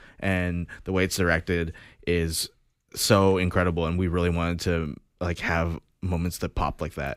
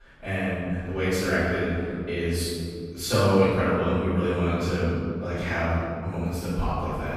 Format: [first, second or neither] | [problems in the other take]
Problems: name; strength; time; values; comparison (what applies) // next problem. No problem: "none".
first | off-mic speech; far // room echo; strong; dies away in 2.6 s